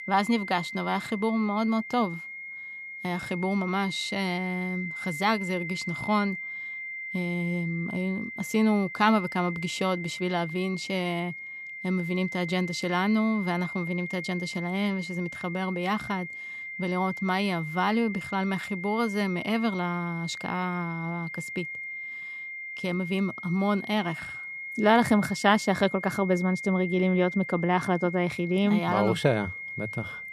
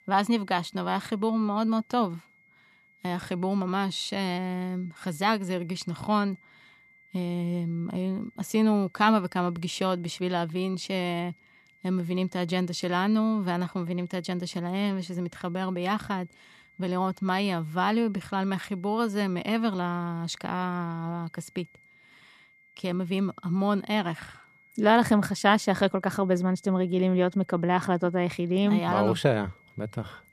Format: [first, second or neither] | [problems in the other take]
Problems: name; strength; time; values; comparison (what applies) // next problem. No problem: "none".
second | high-pitched whine; loud; throughout; 2 kHz, 8 dB below the speech; faint in the second